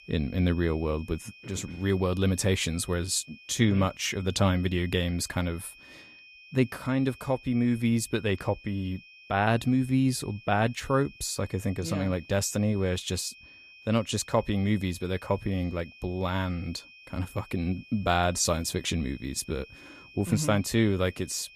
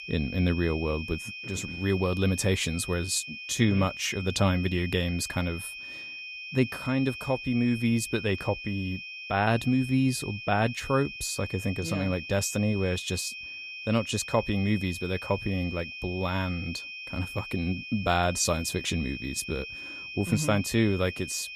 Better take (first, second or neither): first